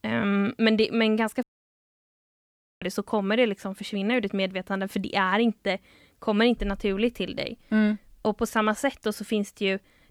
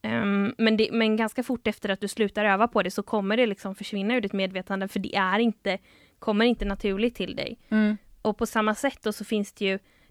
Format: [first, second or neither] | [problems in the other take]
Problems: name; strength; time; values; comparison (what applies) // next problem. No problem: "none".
second | audio cutting out; at 1.5 s for 1.5 s